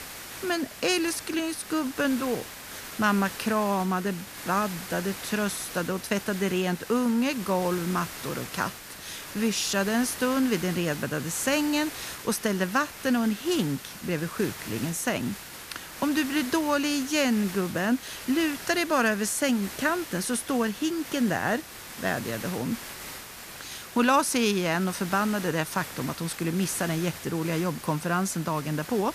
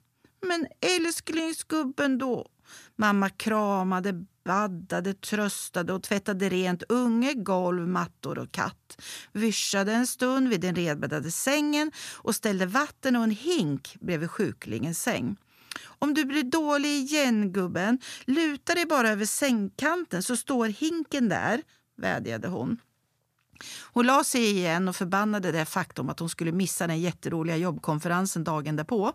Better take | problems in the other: second | hiss; noticeable; throughout; 10 dB below the speech

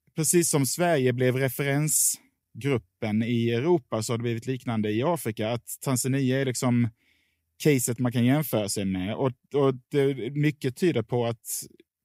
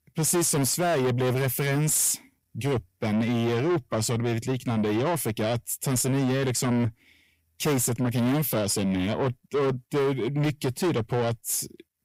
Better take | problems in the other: first | distortion; heavy; 7 dB below the speech

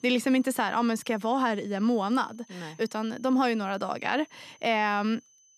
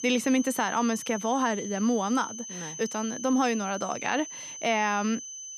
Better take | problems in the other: first | high-pitched whine; loud; throughout; 6 kHz, 9 dB below the speech; faint in the first

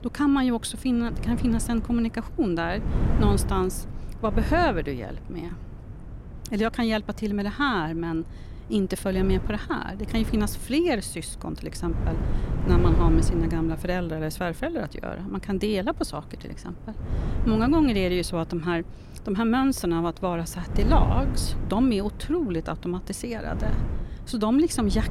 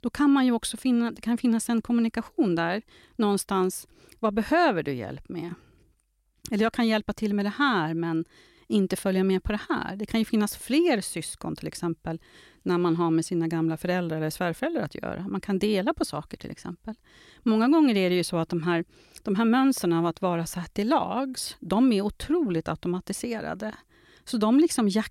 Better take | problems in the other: second | wind noise on the microphone; occasional gusts; 15 dB below the speech

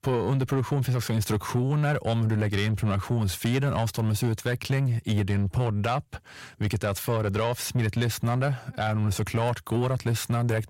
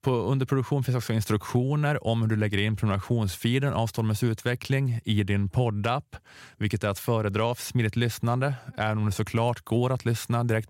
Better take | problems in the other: second | distortion; slight; 10 dB below the speech

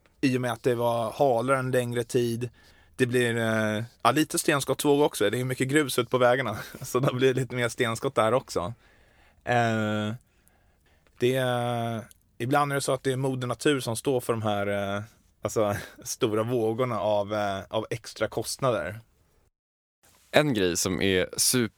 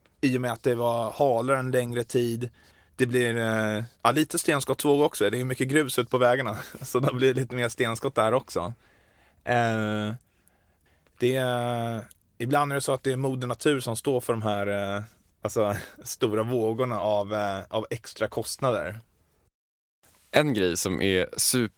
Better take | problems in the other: first | garbled, watery; slightly

